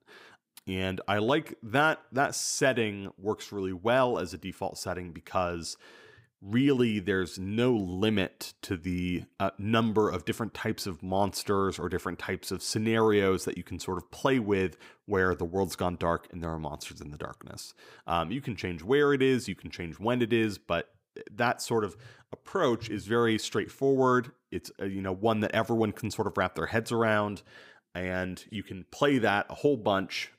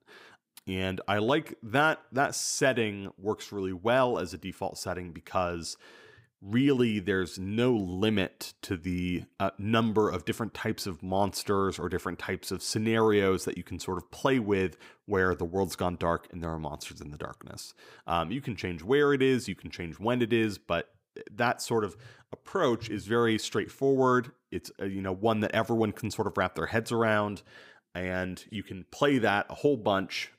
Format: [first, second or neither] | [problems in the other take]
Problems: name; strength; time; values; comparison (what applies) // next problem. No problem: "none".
neither | none